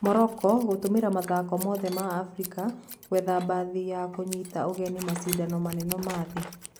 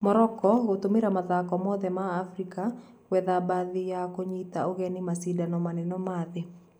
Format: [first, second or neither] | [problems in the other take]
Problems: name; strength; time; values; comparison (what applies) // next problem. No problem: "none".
second | background sound (Tools + Scissors); 14 dB below the speech